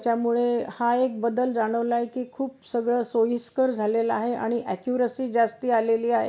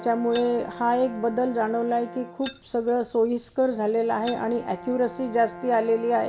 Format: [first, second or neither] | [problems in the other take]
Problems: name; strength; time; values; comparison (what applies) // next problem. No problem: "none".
first | background sound (Brass instrument + Keys jangling); 16 dB below the speech